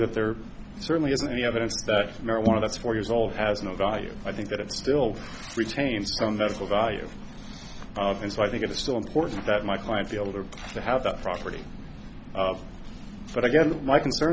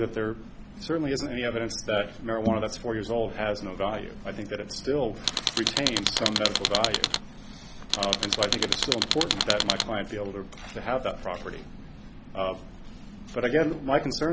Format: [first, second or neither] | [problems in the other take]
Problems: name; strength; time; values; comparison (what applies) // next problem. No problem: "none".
first | background sound (Tools); 2 dB above the speech